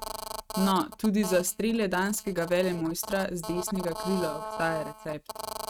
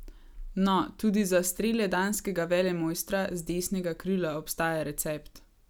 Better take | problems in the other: second | noise reduction (neural mask model RNNoise)

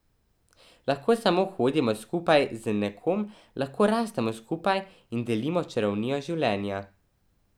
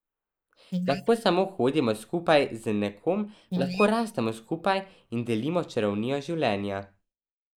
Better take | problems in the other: first | noise reduction (neural mask model Resemble Enhance denoiser)

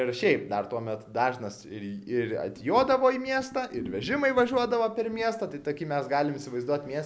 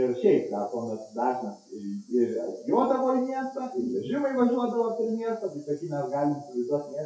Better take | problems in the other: first | noise reduction (classical method WPE with log-MMSE)

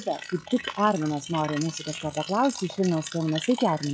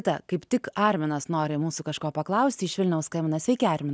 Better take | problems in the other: second | noise reduction (classical method log-MMSE)

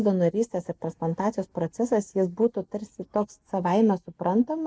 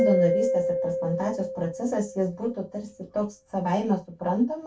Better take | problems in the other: first | background sound (Mallet percussion); 2 dB below the speech // room echo; dies away in 0.2 s

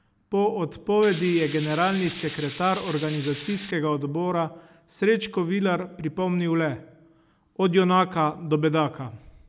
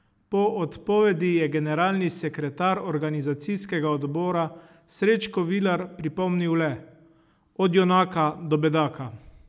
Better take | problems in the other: second | background sound (Tools); 14 dB below the speech

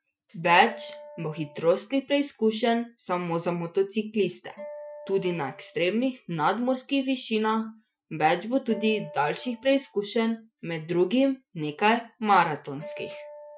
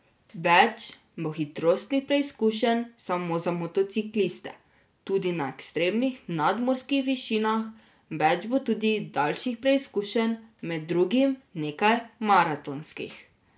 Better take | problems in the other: second | noise reduction (classical method Wiener filter)

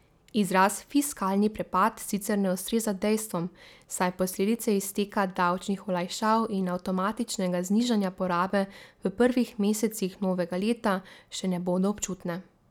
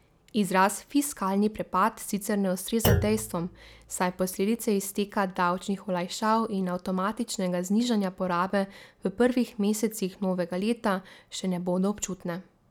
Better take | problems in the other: first | background sound (Thump, thud); 6 dB below the speech

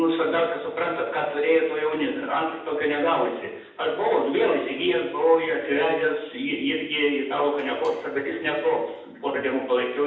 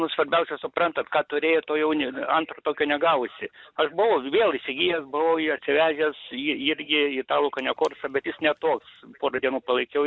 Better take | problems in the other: second | room echo; dies away in 0.8 s

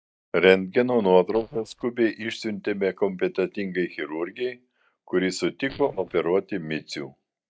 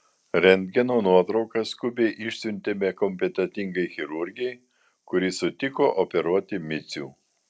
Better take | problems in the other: second | noise reduction (neural mask model DeepFilterNet 3)

